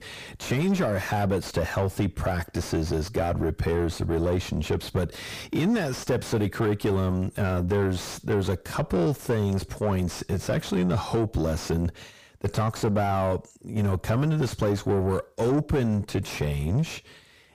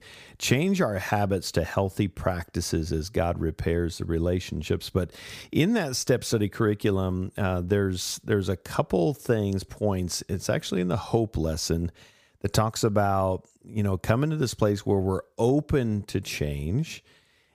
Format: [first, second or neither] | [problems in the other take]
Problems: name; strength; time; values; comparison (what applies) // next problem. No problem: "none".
second | distortion; heavy; 5 dB below the speech